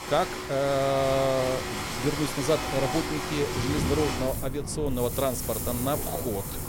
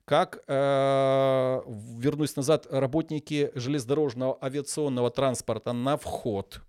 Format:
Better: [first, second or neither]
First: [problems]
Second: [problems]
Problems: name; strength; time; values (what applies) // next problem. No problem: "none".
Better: second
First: rain or running water; loud; throughout; 3 dB below the speech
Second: none